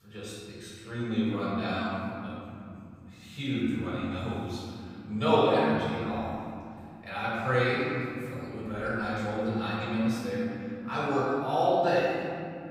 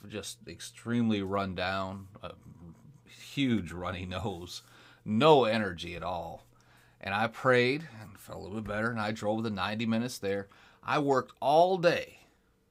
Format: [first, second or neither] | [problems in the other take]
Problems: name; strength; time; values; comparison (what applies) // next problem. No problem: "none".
second | off-mic speech; far // room echo; strong; dies away in 2.6 s